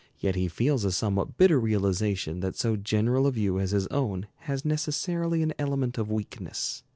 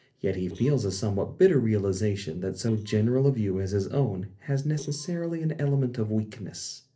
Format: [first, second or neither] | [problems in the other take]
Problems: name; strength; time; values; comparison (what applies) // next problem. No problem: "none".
first | noise reduction (neural separator model SepFormer DNS4)